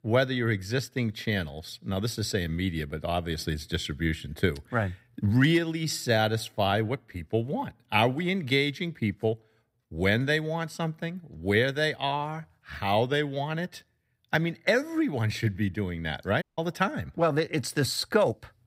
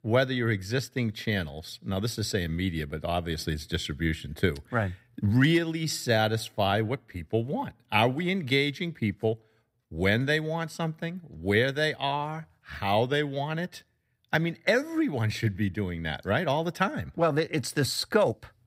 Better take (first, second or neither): second